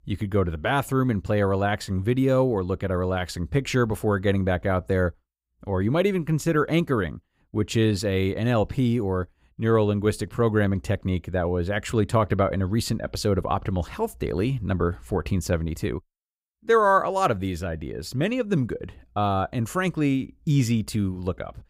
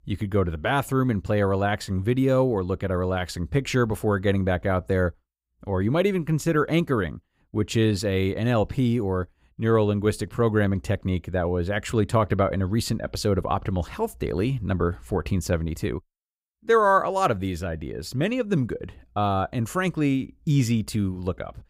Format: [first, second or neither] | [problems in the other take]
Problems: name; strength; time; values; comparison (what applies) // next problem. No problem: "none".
neither | none